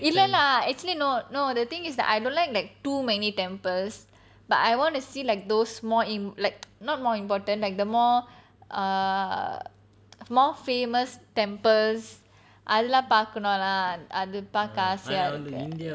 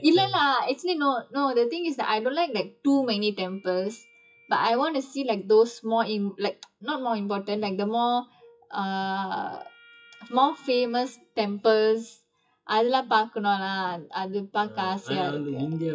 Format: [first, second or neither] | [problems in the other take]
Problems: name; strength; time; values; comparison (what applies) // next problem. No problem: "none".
first | noise reduction (classical method WPE with log-MMSE)